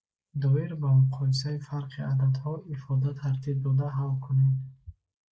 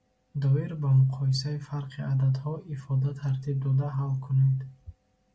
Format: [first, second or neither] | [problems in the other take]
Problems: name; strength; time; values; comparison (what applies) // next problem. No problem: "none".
second | noise reduction (neural mask model Resemble Enhance denoiser)